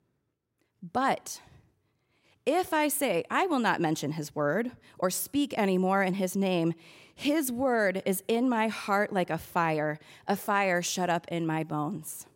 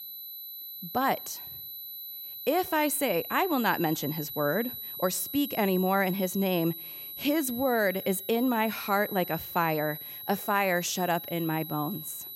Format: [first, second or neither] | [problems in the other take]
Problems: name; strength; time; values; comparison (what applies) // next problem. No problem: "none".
first | high-pitched whine; loud; throughout; 12 kHz, 9 dB below the speech